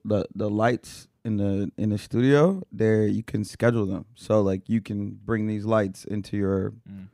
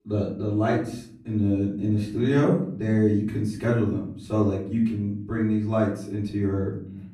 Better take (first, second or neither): first